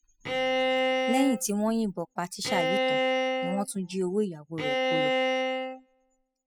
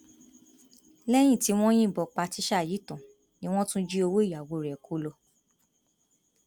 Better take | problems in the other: second | noise reduction (classical method spectral subtraction)

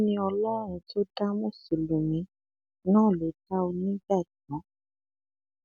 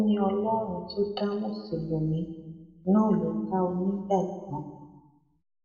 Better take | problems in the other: first | room echo; dies away in 1.2 s

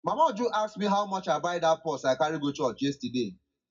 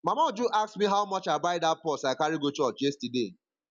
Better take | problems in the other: second | room echo; dies away in 0.4 s

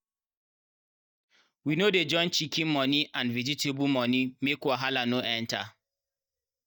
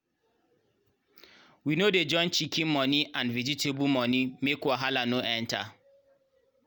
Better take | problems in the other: second | noise reduction (neural mask model DeepFilterNet 3)

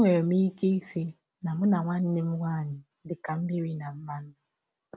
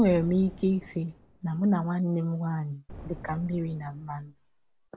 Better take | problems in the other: first | background sound (Boom); 18 dB below the speech

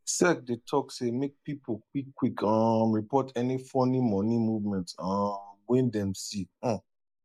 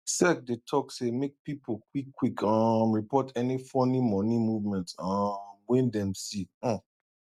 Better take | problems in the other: second | noise reduction (neural mask model Resemble Enhance denoiser)

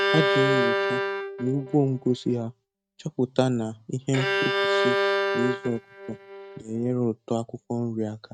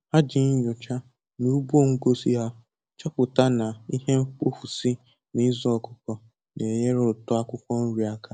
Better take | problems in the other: second | noise reduction (neural mask model RNNoise)

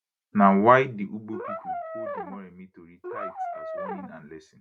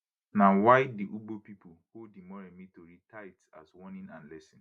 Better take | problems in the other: second | background sound (Brass instrument); 9 dB below the speech

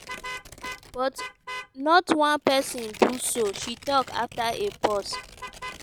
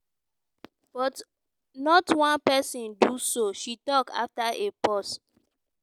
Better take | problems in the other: second | background sound (Vehicle horn, car horn, honking + Tearing); 13 dB below the speech

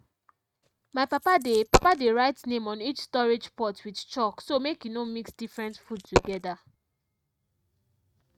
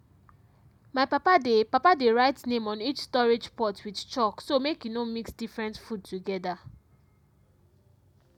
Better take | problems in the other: second | noise reduction (neural mask model RNNoise)

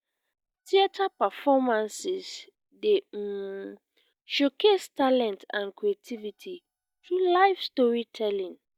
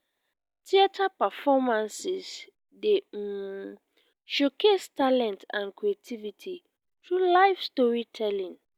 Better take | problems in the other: second | noise reduction (neural mask model DeepFilterNet 3)

